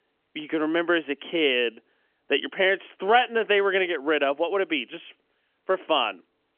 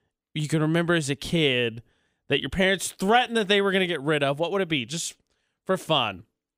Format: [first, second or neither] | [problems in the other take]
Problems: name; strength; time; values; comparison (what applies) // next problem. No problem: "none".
second | phone-call audio; nothing above 3.5 kHz